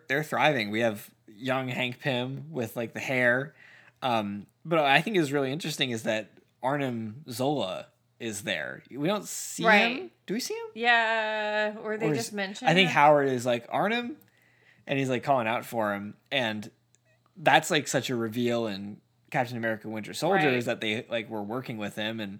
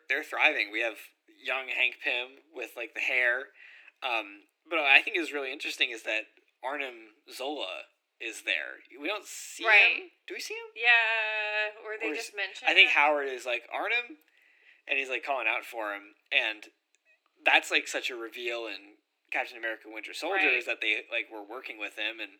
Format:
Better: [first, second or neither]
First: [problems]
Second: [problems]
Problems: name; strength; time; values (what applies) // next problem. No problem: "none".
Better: first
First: none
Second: thin; very; fading below 300 Hz